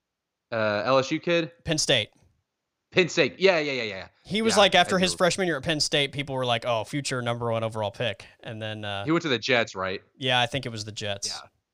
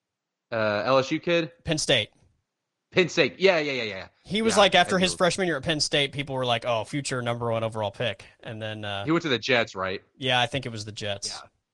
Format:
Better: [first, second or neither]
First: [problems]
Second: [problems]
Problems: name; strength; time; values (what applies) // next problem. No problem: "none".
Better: first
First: none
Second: garbled, watery; slightly